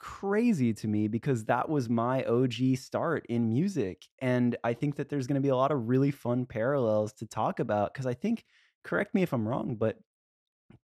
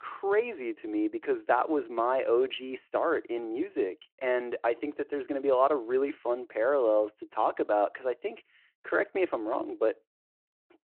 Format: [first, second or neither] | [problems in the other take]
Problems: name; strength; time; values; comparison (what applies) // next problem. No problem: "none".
first | phone-call audio